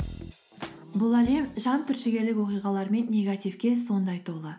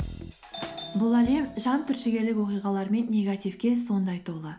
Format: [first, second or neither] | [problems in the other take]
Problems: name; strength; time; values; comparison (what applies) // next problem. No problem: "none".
first | background sound (Doorbell); 20 dB below the speech